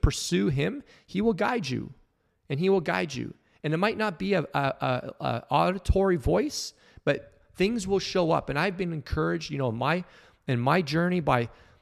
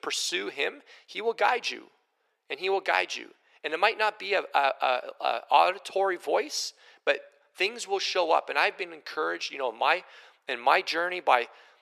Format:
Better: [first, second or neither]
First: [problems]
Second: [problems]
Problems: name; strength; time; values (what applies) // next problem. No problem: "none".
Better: first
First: none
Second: thin; very; fading below 400 Hz